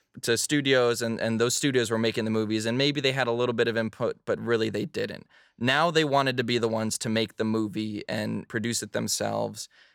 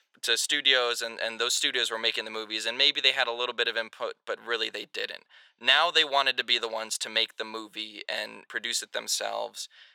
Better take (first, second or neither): first